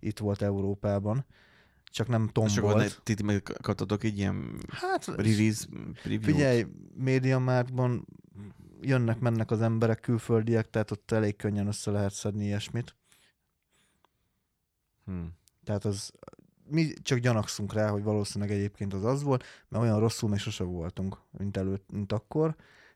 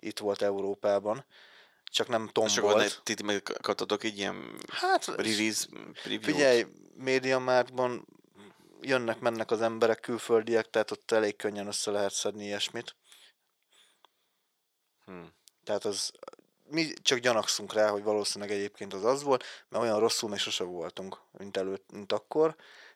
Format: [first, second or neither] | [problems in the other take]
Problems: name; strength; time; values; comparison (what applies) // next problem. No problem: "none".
first | thin; very; fading below 500 Hz